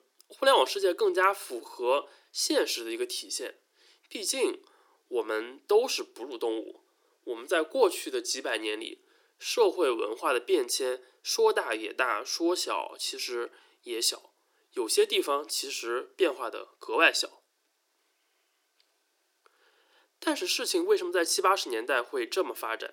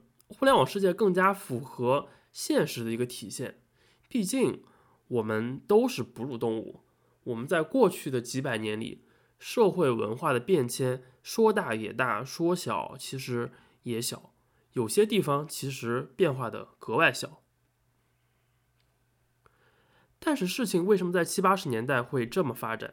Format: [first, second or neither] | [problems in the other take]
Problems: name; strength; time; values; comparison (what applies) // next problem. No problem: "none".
second | thin; very; fading below 300 Hz